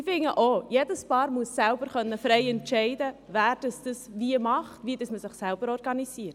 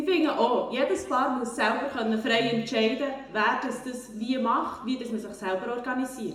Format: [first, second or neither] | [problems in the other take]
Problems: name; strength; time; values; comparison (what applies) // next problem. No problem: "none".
first | room echo; dies away in 0.9 s